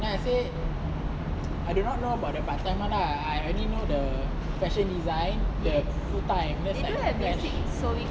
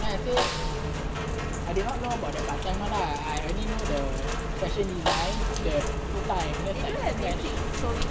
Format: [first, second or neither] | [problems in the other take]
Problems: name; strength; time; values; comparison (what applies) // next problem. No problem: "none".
first | background sound (Snare drum + Rain); 5 dB below the speech